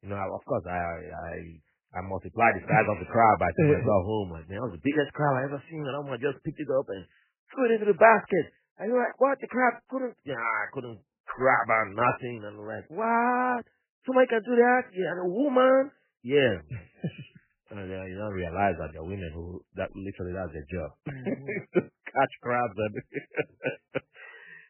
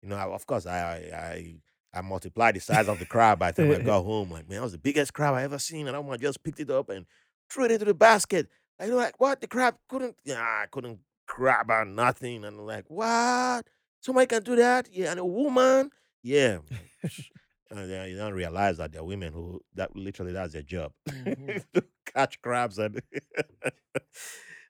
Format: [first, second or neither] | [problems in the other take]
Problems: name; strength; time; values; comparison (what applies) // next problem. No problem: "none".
second | garbled, watery; badly; nothing above 3 kHz